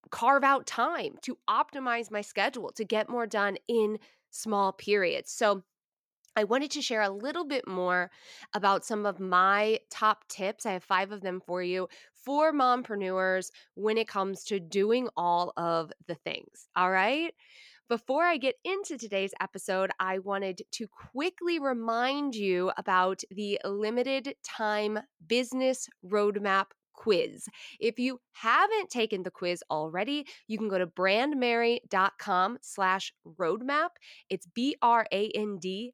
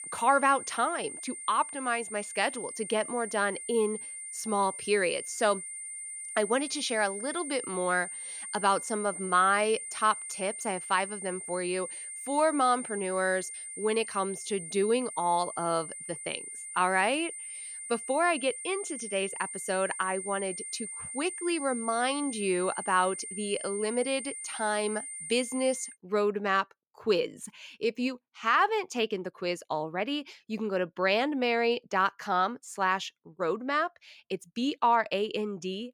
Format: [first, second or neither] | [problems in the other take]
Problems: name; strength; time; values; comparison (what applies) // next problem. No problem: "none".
first | high-pitched whine; loud; until 26 s; 8.5 kHz, 8 dB below the speech